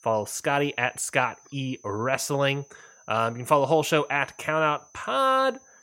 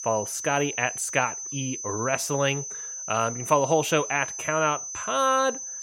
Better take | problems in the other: first | high-pitched whine; loud; throughout; 6 kHz, 7 dB below the speech; faint in the first

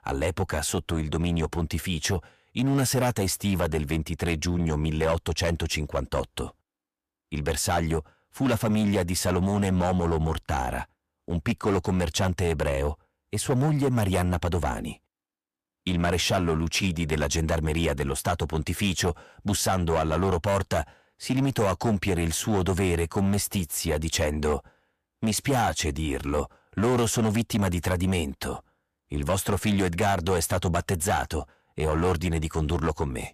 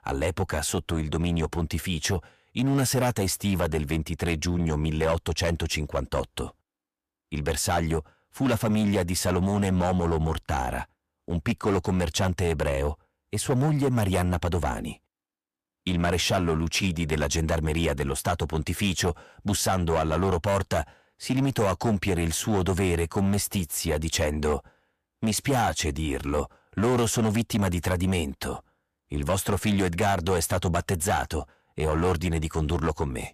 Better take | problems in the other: neither | distortion; slight; 8% of the sound clipped; the same in both

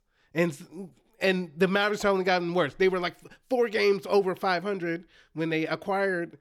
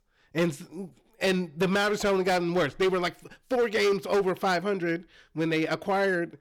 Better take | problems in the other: first | distortion; slight; 9% of the sound clipped

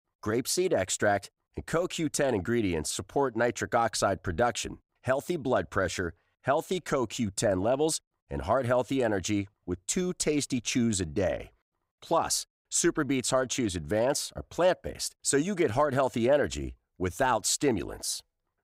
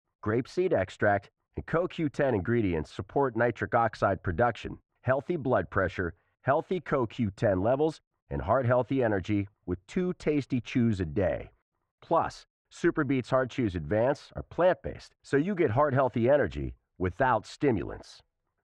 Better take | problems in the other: first | muffled; very; fading above 2 kHz

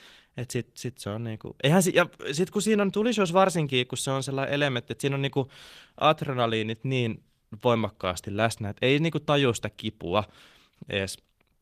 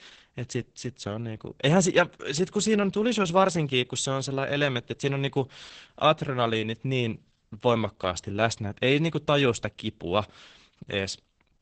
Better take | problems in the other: first | garbled, watery; badly; nothing above 8 kHz; slightly in the first

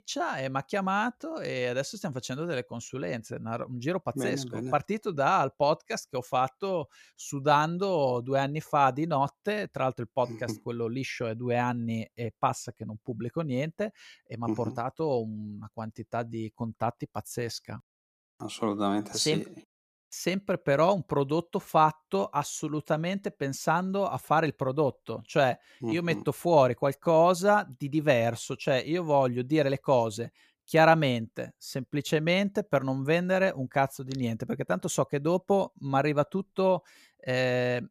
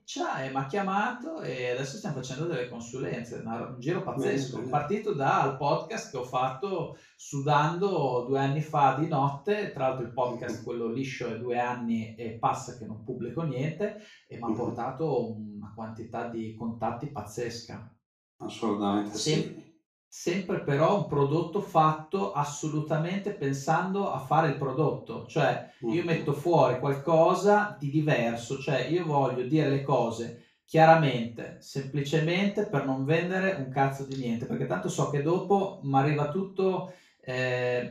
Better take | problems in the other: first | room echo; noticeable; dies away in 0.4 s // off-mic speech; far

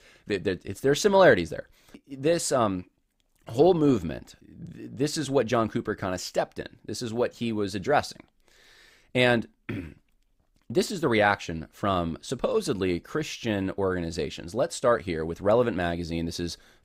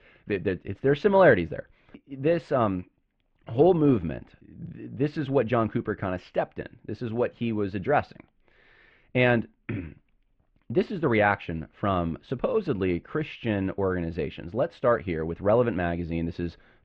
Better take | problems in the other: first | muffled; very; fading above 2.5 kHz

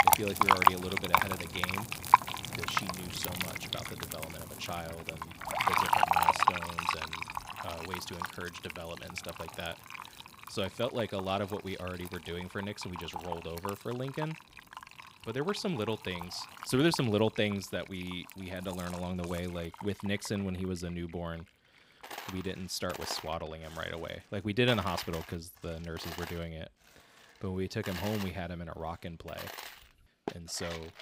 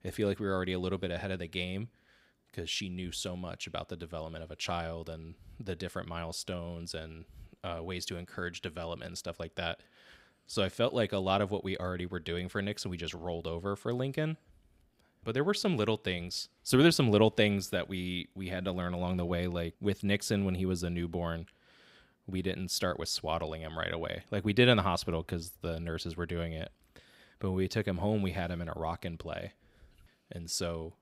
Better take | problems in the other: second | household noises; very loud; throughout; 4 dB above the speech

